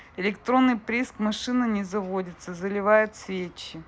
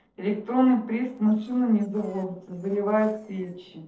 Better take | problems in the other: first | noise reduction (neural separator model SepFormer DNS4)

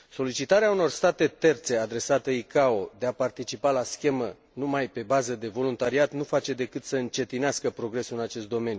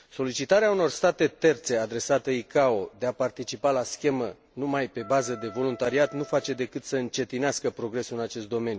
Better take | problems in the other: first | background sound (Wind instrument, woodwind instrument); 19 dB below the speech

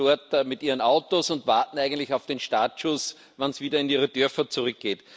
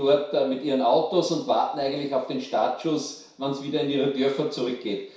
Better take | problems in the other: first | room echo; dies away in 0.6 s

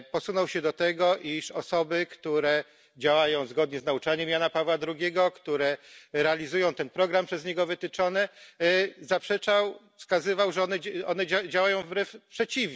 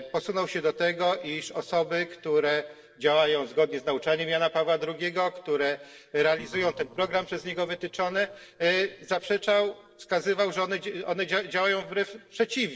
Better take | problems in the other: first | noise reduction (neural separator model SepFormer DNS4)

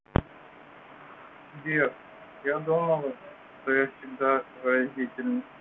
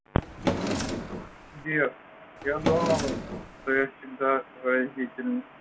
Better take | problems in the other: first | background sound (Drawer open or close); 2 dB below the speech

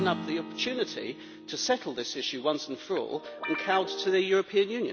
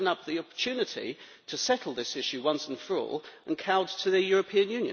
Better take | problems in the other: second | background sound (Acoustic guitar / Strum + Guitar); 11 dB below the speech

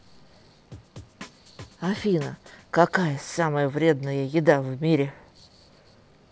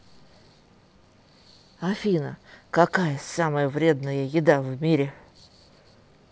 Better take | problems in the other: second | background sound (Drum); 19 dB below the speech

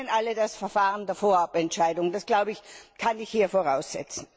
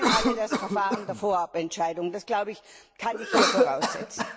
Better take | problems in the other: first | background sound (Cough); 1 dB above the speech

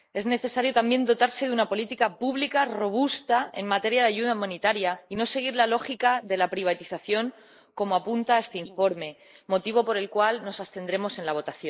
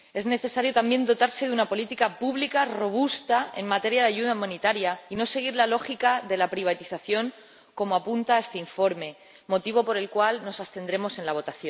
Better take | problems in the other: second | noise reduction (neural mask model Resemble Enhance denoiser)

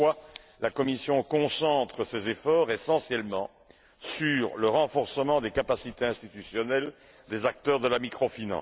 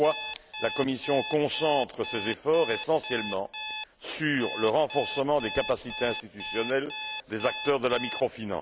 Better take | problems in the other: first | background sound (Alarm); 9 dB below the speech

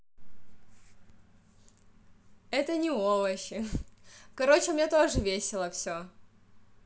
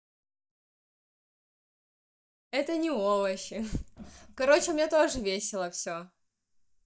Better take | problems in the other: first | noise reduction (neural mask model DeepFilterNet 3)

